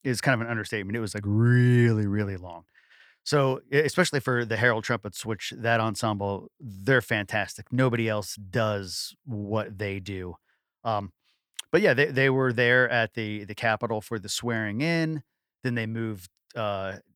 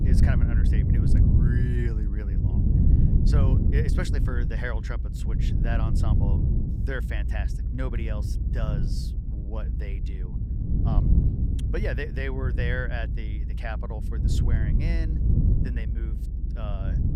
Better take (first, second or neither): first